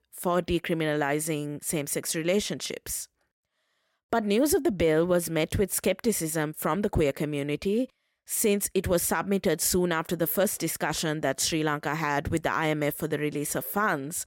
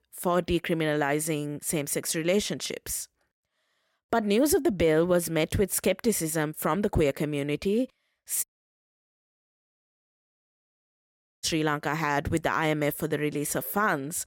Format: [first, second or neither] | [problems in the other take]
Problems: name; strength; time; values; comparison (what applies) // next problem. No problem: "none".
first | audio cutting out; at 8.5 s for 3 s